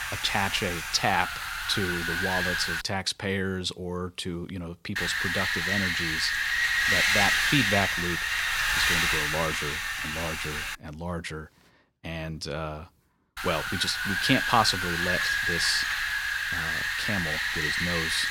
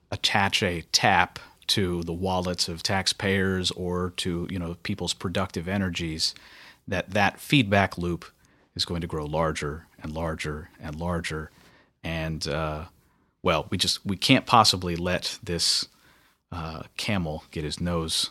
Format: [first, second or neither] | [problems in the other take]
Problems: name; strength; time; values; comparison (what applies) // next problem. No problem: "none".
second | wind noise on the microphone; heavy; until 3 s, from 5 to 11 s and from 13 s on; 5 dB above the speech